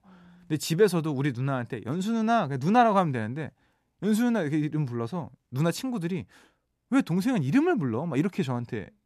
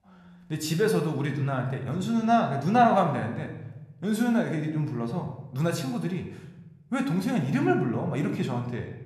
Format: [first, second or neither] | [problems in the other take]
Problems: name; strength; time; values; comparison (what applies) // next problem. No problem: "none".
first | room echo; slight; dies away in 0.8 s